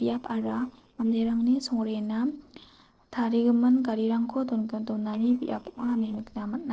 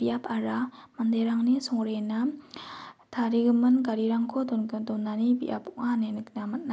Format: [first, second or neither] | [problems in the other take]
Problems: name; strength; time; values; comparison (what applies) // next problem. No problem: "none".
second | noise reduction (neural separator model SepFormer DNS4)